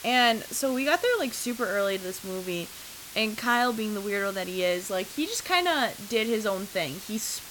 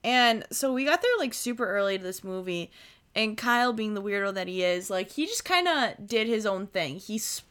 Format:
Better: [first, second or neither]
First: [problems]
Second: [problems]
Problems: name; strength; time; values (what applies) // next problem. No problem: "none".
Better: second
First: hiss; noticeable; throughout; 15 dB below the speech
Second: none